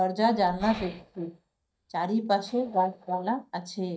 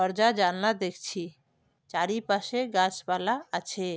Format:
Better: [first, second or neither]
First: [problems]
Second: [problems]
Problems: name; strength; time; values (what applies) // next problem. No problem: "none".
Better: second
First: noise reduction (neural mask model DeepFilterNet 3)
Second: none